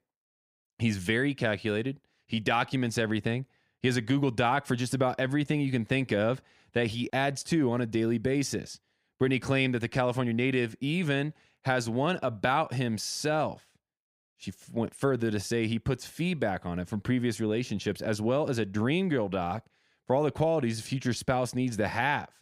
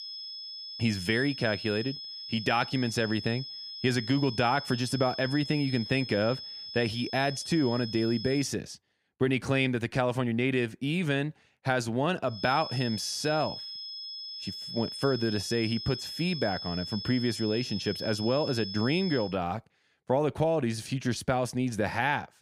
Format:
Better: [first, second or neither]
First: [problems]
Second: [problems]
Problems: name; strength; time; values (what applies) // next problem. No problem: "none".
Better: first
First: none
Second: high-pitched whine; loud; until 8.5 s and from 12 to 19 s; 5 kHz, 8 dB below the speech